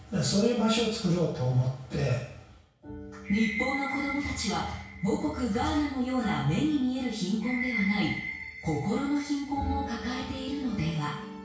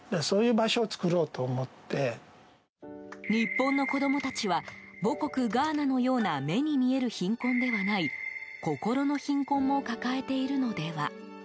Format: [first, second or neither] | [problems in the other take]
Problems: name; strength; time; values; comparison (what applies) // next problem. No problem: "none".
second | room echo; dies away in 0.6 s